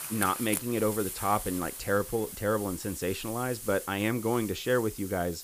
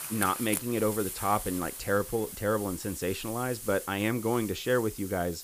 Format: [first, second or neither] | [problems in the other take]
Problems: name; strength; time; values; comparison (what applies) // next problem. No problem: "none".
neither | hiss; loud; throughout; 8 dB below the speech; the same in both